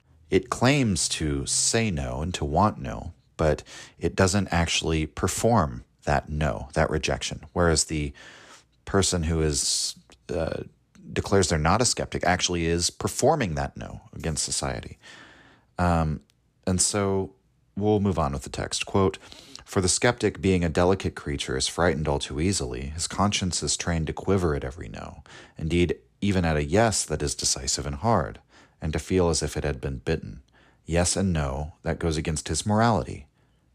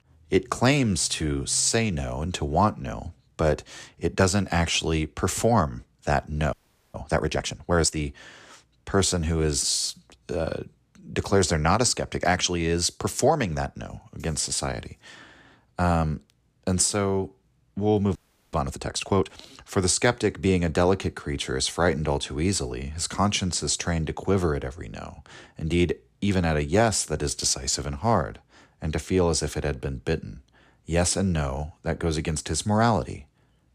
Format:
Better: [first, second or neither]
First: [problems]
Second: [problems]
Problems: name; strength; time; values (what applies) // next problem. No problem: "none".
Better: first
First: none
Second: audio freezing; at 6.5 s and at 18 s